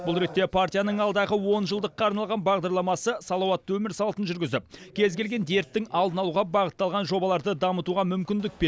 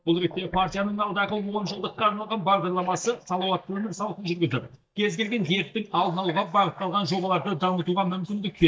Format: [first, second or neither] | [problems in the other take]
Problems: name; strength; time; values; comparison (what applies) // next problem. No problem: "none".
first | noise reduction (neural mask model DeepFilterNet 3)